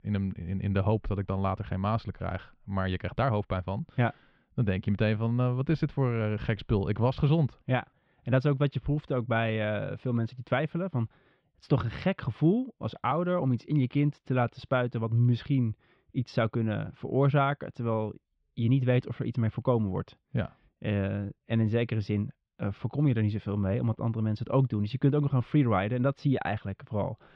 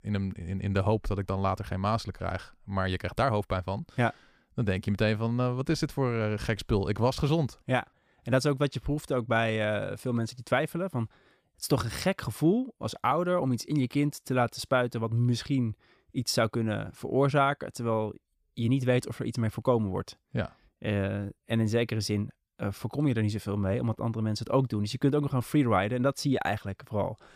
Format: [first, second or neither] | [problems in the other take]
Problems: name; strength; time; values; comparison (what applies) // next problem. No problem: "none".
second | muffled; slightly; fading above 3.5 kHz